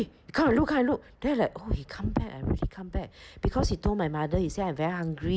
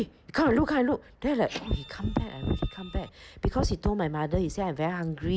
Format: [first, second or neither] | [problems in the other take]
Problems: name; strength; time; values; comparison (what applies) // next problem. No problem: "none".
first | background sound (Printer); 17 dB below the speech